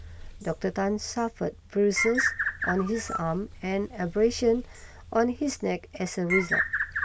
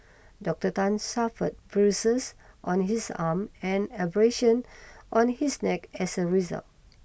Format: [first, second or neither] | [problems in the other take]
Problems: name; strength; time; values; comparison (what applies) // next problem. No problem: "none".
second | background sound (Bird); 5 dB below the speech